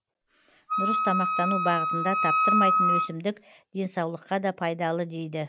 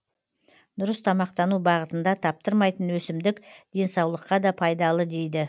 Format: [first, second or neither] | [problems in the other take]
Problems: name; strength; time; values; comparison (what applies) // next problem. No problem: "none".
second | background sound (Wind instrument, woodwind instrument); 4 dB above the speech